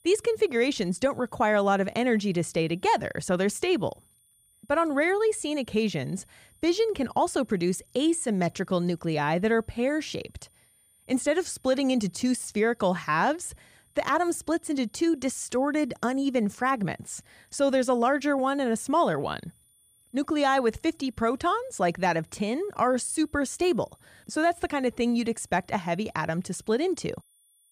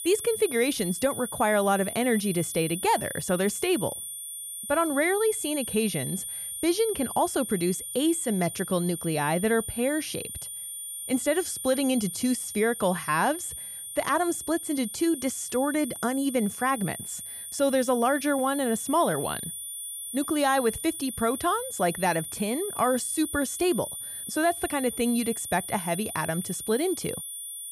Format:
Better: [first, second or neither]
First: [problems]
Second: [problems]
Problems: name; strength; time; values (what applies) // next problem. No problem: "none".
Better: first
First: high-pitched whine; faint; throughout; 9.5 kHz, 35 dB below the speech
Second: high-pitched whine; loud; throughout; 9.5 kHz, 7 dB below the speech